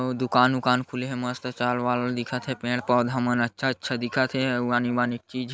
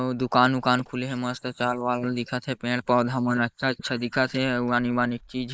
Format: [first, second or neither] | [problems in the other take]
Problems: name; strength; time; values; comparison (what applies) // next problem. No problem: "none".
first | noise reduction (neural mask model Resemble Enhance denoiser)